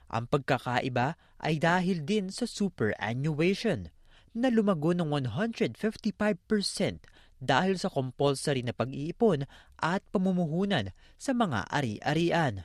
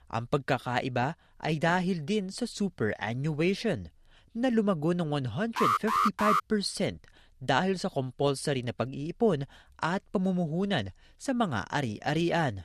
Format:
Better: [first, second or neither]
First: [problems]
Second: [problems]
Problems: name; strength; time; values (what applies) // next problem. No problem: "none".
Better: first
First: none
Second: alarm; loud; at 5.5 s; peak 4 dB above the speech